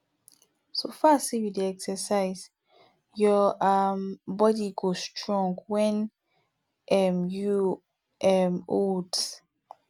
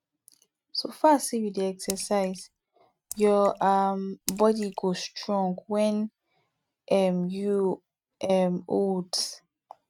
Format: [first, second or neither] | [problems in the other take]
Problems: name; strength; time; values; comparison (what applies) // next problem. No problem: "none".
first | noise reduction (neural mask model RNNoise)